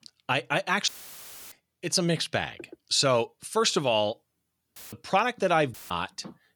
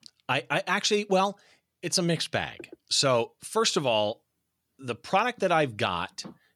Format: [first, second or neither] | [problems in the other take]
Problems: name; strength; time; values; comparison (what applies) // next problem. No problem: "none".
second | audio cutting out; filled with static; at 1 s for 0.5 s, at 5 s and at 5.5 s